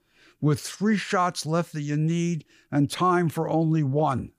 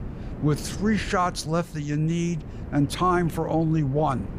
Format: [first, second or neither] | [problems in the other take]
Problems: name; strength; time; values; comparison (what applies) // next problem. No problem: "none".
first | wind noise on the microphone; occasional gusts; 20 dB below the speech